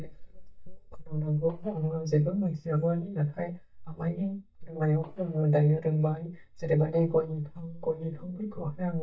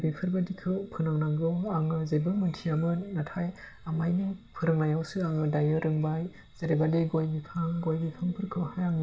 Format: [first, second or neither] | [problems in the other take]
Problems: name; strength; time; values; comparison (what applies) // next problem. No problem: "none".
second | noise reduction (neural mask model DeepFilterNet 3)